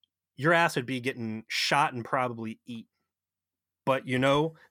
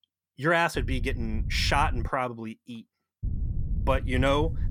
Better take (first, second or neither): first